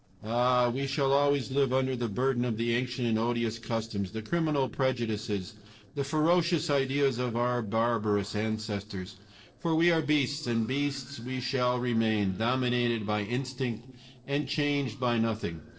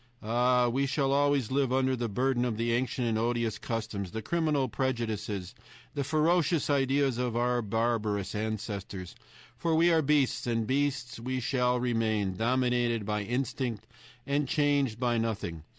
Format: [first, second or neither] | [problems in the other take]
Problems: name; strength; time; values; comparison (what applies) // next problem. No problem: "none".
second | noise reduction (neural separator model SepFormer DNS4)